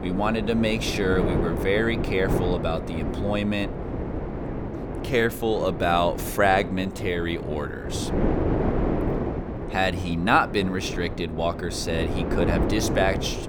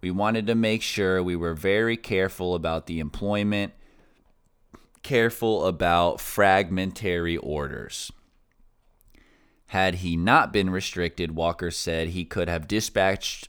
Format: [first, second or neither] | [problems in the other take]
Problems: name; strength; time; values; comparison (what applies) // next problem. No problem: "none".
second | wind noise on the microphone; heavy; 7 dB below the speech